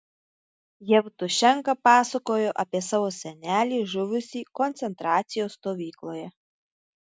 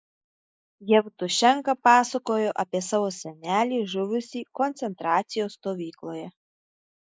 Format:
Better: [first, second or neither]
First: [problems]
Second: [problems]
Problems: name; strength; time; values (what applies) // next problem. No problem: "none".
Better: first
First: none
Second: noise reduction (neural mask model Resemble Enhance denoiser)